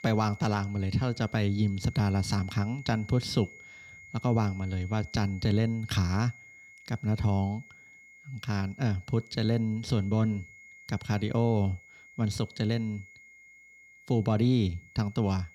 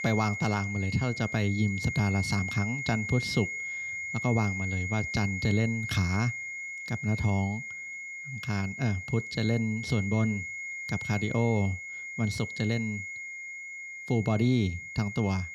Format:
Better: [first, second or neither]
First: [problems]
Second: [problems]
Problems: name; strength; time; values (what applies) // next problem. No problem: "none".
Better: first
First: high-pitched whine; faint; throughout; 2 kHz, 20 dB below the speech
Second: high-pitched whine; loud; throughout; 2 kHz, 5 dB below the speech